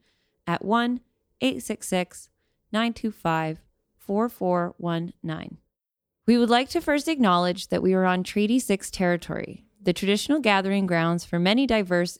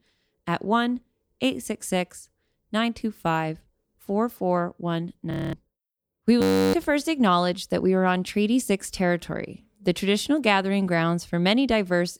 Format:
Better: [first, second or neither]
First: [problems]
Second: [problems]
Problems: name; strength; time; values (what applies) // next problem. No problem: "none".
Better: first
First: none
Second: audio freezing; at 5.5 s and at 6.5 s